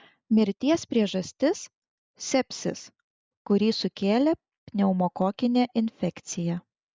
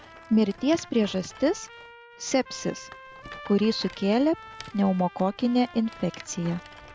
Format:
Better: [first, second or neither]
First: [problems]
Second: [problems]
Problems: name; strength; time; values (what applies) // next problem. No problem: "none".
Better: first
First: none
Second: background sound (Trumpet + Rattle); 18 dB below the speech